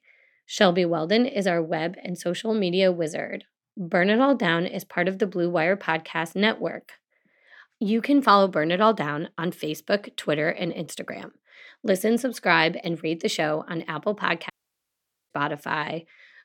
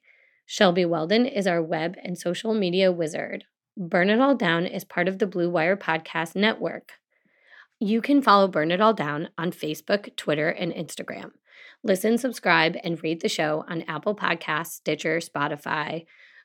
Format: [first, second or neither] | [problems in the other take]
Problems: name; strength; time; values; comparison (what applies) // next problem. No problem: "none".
second | audio cutting out; at 15 s for 1 s